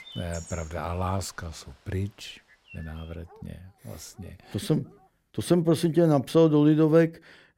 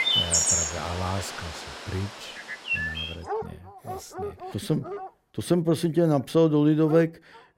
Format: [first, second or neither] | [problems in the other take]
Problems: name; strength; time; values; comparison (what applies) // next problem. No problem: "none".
first | animal sounds; loud; throughout; 3 dB below the speech; faint in the first